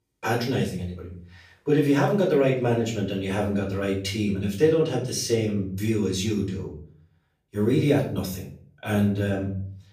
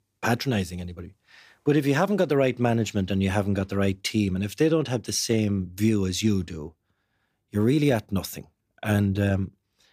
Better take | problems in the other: second | off-mic speech; far // room echo; slight; dies away in 0.4 s

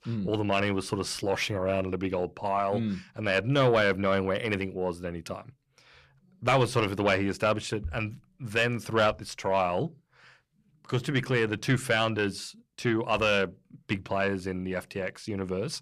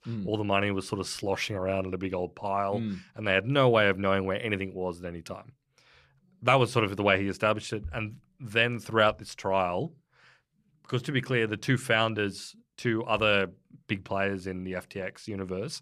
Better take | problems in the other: second | distortion; slight; 10 dB below the speech

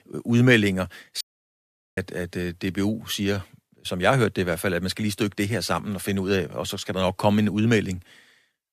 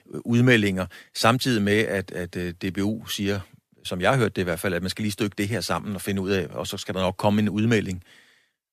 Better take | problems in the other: second | audio cutting out; at 1 s for 1 s

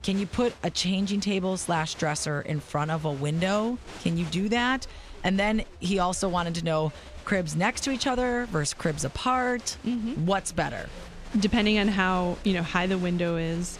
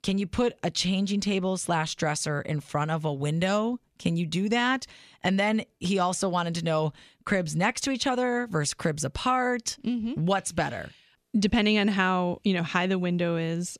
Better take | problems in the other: second | crowd noise; noticeable; throughout; 20 dB below the speech

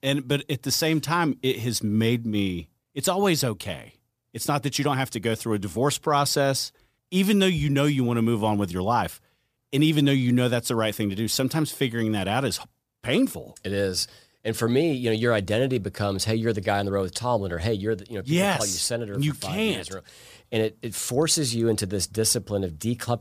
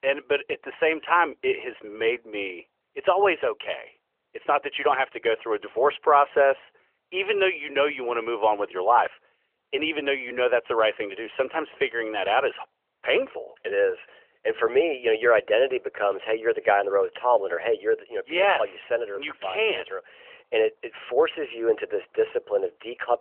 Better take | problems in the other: first | phone-call audio; nothing above 3 kHz

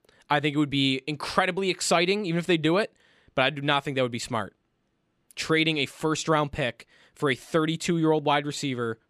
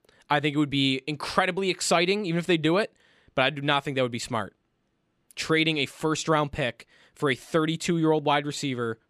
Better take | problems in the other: neither | none

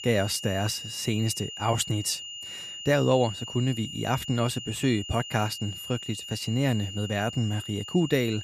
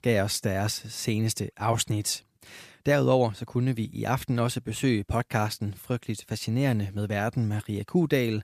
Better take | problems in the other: second | high-pitched whine; loud; throughout; 3 kHz, 9 dB below the speech

